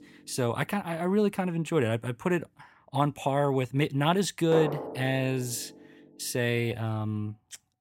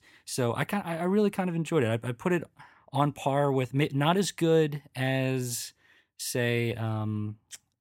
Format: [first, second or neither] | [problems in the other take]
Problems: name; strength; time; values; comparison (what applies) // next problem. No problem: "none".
second | background music; loud; throughout; 10 dB below the speech